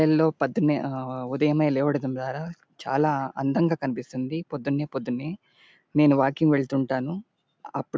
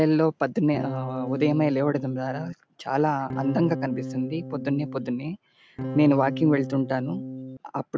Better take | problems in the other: first | background sound (Electric guitar / Strum); 8 dB below the speech

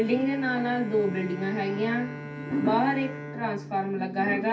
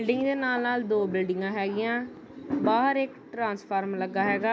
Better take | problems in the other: second | background sound (Bowed string instrument); 11 dB below the speech // room echo; dies away in 0.3 s

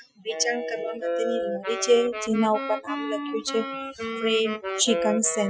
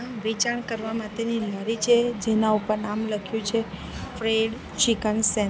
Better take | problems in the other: second | noise reduction (classical method Wiener filter)

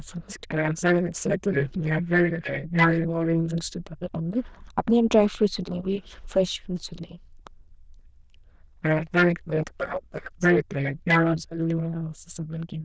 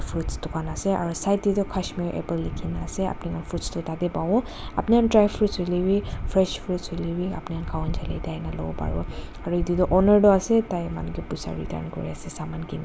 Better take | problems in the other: second | noise reduction (neural diffusion model UNIVERSE++)

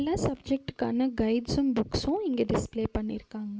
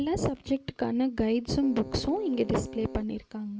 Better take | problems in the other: first | background sound (Keyboard (musical)); 13 dB below the speech

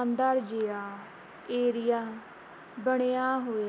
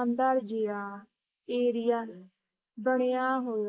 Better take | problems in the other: first | noise reduction (neural mask model Resemble Enhance denoiser)

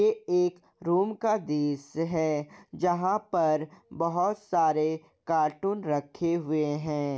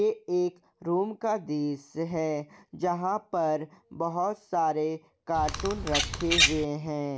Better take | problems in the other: first | background sound (Bird vocalization, bird call, bird song); 2 dB above the speech

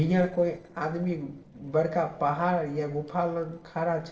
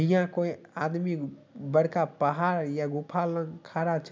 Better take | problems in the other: second | noise reduction (neural separator model SepFormer DNS4)

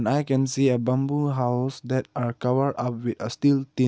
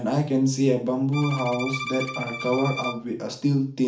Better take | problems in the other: first | background sound (Bowed string instrument); 10 dB below the speech // room echo; dies away in 0.4 s

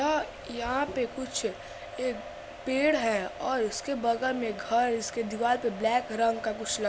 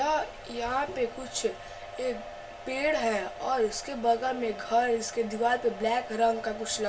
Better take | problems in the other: first | room echo; dies away in 0.2 s

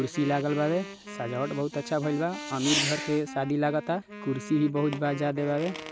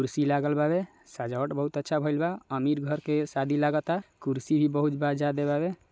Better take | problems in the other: second | background sound (Fireworks + Wind instrument, woodwind instrument); 9 dB below the speech

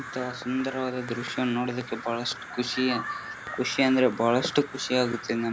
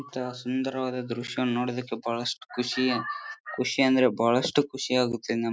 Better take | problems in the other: second | background sound (Crow); 12 dB below the speech

